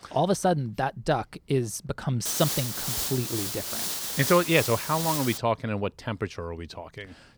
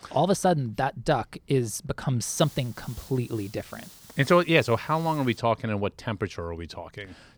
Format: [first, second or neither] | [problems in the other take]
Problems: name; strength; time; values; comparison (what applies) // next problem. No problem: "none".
second | hiss; loud; from 2.5 to 5.5 s; 2 dB below the speech; faint in the second